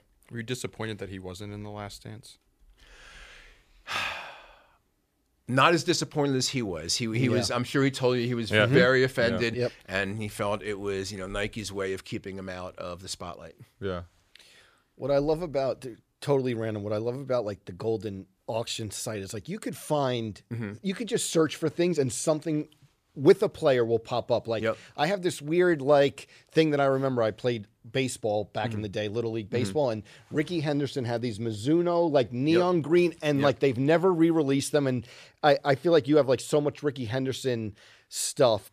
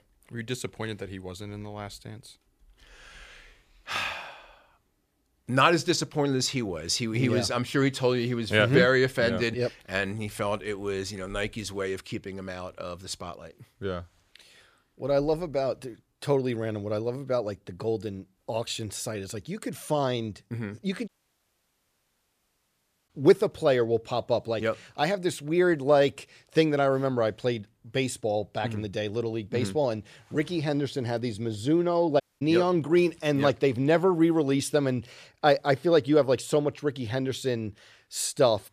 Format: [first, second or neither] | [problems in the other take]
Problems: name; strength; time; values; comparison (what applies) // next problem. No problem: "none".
first | audio cutting out; at 21 s for 2 s and at 32 s